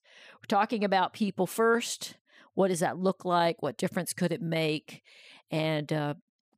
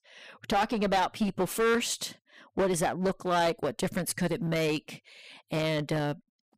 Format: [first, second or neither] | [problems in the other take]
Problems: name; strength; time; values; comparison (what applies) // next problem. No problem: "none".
first | distortion; heavy; 10% of the sound clipped